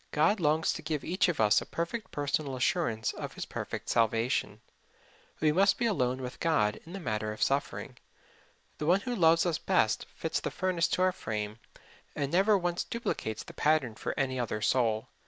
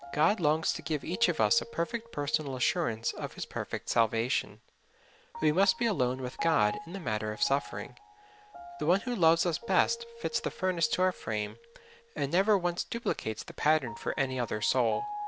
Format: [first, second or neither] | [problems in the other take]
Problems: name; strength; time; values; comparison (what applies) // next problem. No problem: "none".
first | background sound (Piano); 15 dB below the speech